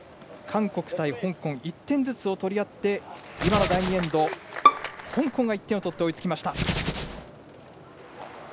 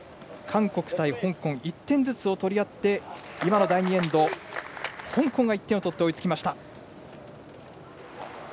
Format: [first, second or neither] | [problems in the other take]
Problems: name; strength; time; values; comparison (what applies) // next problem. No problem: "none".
second | background sound (Bowed string instrument + Hands); as loud as the speech